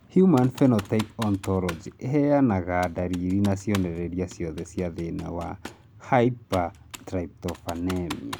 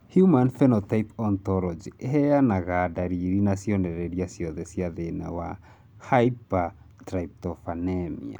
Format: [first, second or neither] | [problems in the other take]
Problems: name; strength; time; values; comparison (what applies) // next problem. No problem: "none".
second | background sound (Computer keyboard); 19 dB below the speech